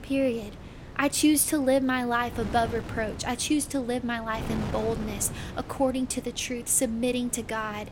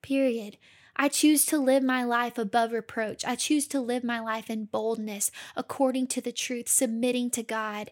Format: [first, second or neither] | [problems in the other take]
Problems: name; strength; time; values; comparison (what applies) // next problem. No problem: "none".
second | wind noise on the microphone; occasional gusts; 15 dB below the speech